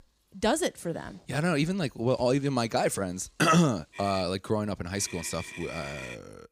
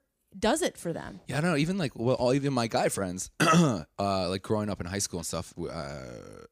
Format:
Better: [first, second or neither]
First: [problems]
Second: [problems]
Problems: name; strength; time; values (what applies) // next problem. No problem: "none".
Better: second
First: traffic noise; noticeable; throughout; 15 dB below the speech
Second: none